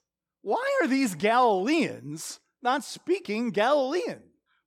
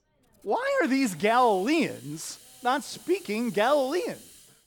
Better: first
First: none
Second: hiss; faint; throughout; 20 dB below the speech

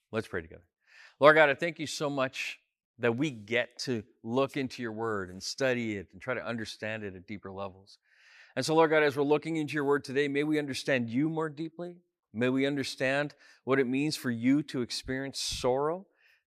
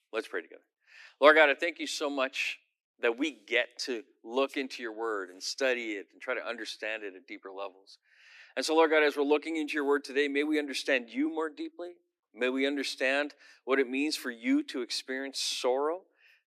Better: first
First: none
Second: thin; very slightly; fading below 300 Hz

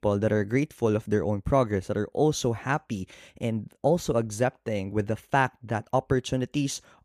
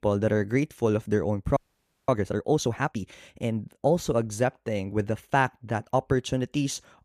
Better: first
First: none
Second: audio freezing; at 1.5 s for 0.5 s

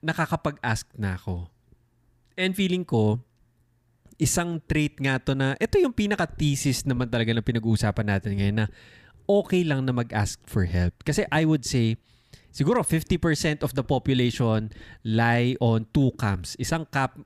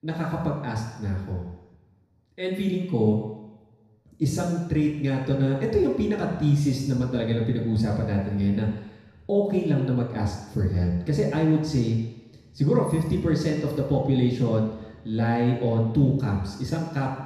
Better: first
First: none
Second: room echo; noticeable; dies away in 1 s // off-mic speech; far

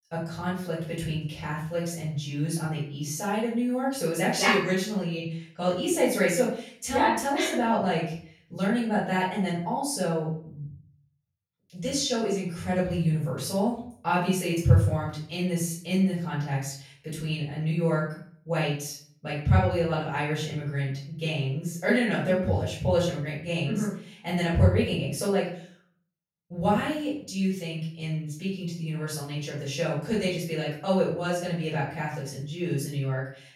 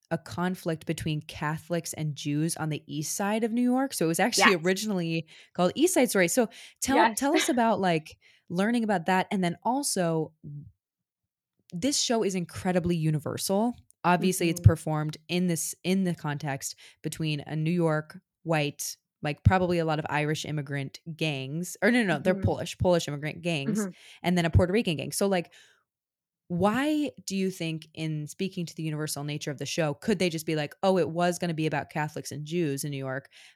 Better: second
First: off-mic speech; far // room echo; noticeable; dies away in 0.5 s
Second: none

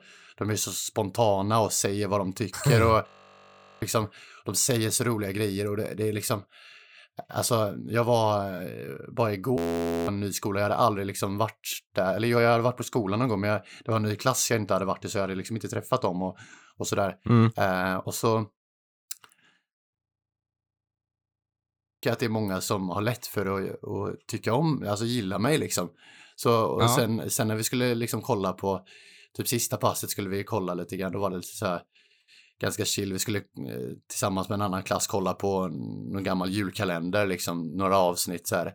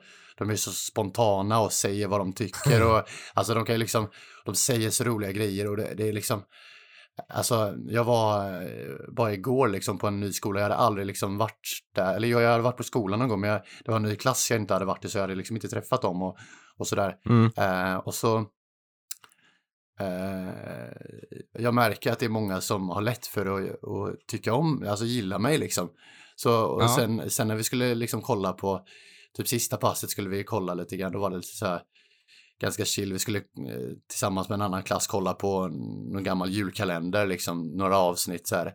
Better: second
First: audio freezing; at 3 s for 1 s, at 9.5 s for 0.5 s and at 20 s for 2 s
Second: none

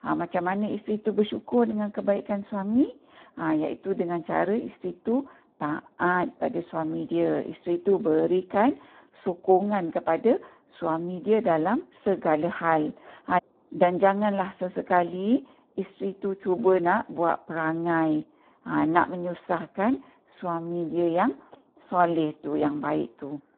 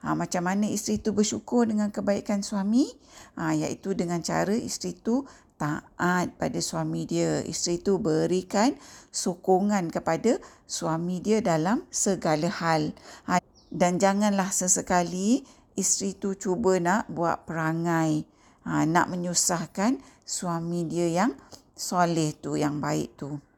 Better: second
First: phone-call audio; poor line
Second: none

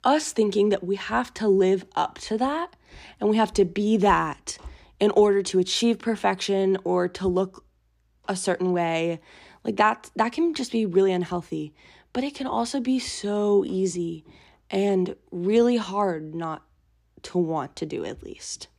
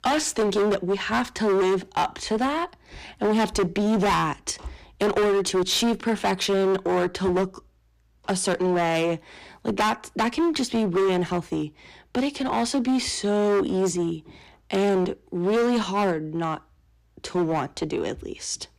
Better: first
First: none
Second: distortion; heavy; 17% of the sound clipped

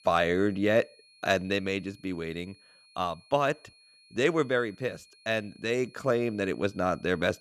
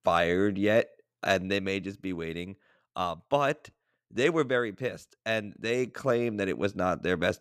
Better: second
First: high-pitched whine; faint; throughout; 4.5 kHz, 25 dB below the speech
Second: none

